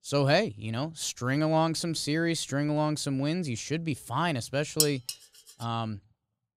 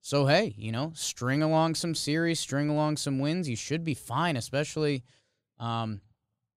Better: second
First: clattering dishes; loud; at 5 s; peak 2 dB above the speech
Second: none

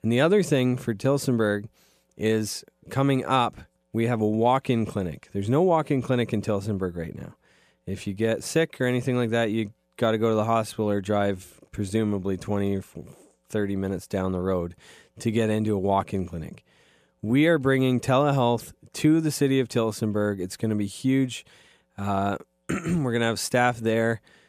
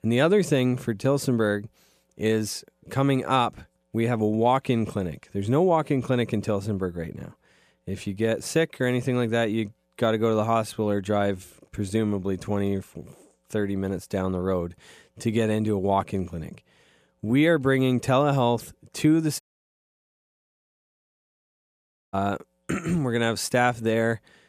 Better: first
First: none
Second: audio cutting out; at 19 s for 2.5 s

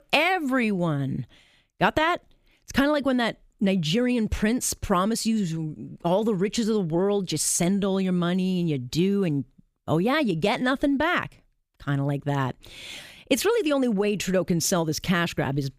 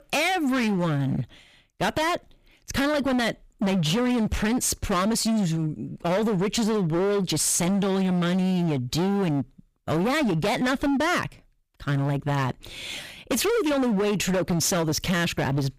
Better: first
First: none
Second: distortion; heavy; 27% of the sound clipped

